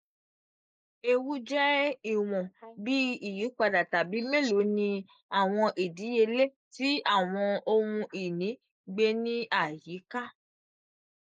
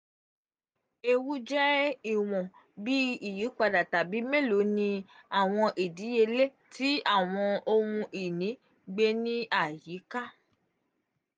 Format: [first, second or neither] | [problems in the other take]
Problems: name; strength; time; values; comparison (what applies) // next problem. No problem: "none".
second | noise reduction (neural mask model Resemble Enhance denoiser)